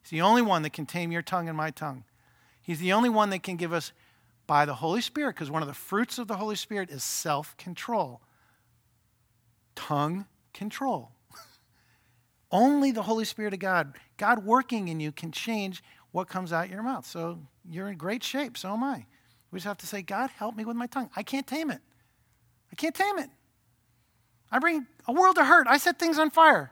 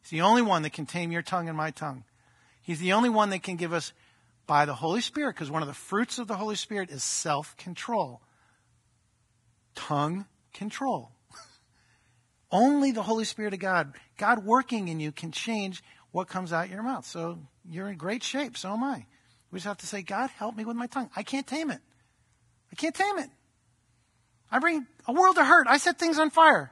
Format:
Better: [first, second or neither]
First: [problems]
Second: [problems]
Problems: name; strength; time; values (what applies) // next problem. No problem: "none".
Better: first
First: none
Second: garbled, watery; badly; nothing above 11 kHz